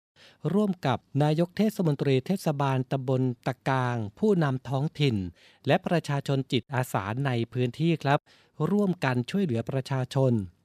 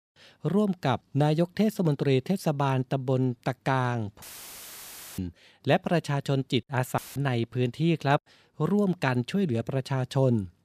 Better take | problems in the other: first | audio cutting out; filled with static; at 4 s for 1 s and at 7 s

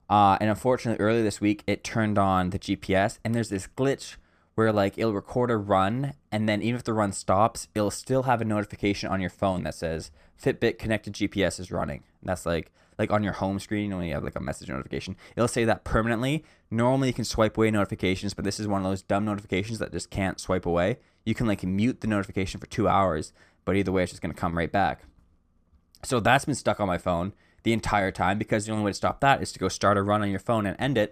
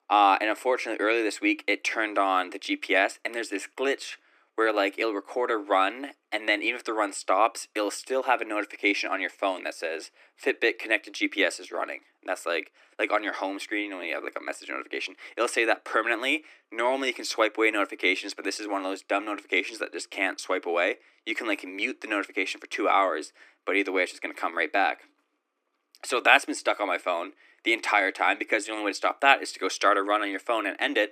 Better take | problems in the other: first | thin; somewhat; fading below 300 Hz

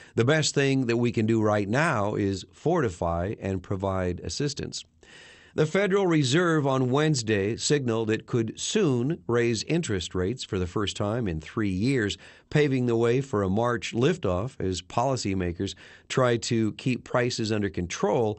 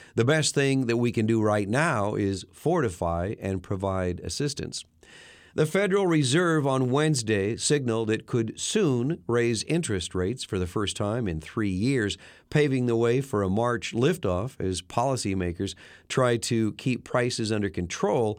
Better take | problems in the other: second | garbled, watery; slightly; nothing above 8 kHz

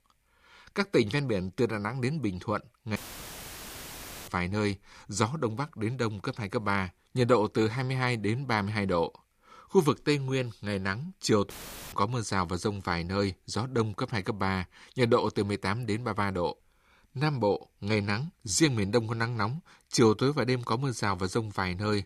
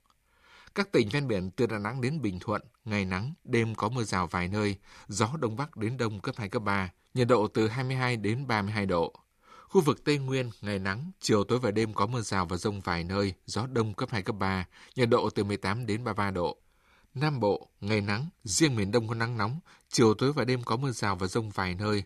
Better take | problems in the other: second | audio cutting out; filled with static; at 3 s for 1.5 s and at 12 s

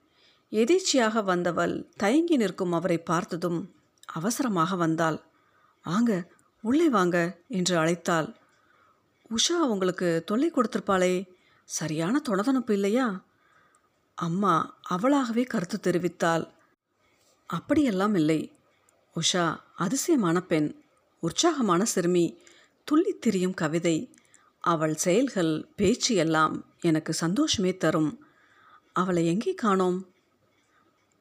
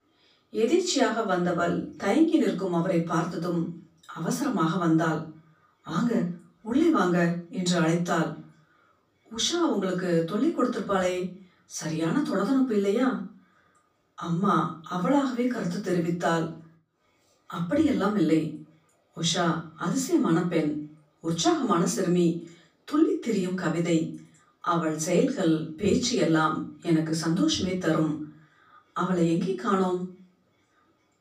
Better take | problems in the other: first | off-mic speech; far // room echo; slight; dies away in 0.3 s

